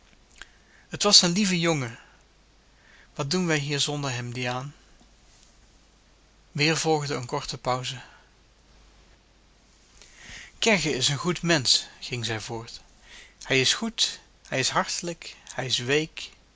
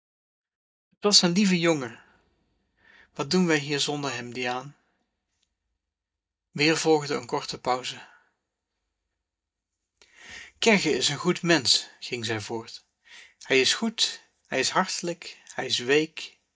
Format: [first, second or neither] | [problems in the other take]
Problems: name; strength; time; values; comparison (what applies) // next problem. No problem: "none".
first | noise reduction (neural mask model DeepFilterNet 3)